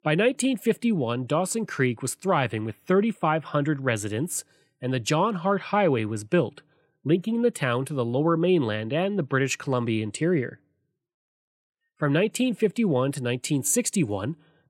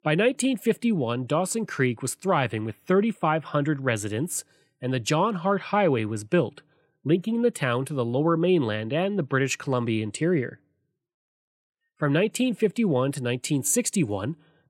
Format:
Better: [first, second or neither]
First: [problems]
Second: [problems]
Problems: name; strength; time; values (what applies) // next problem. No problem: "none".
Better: neither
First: none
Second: none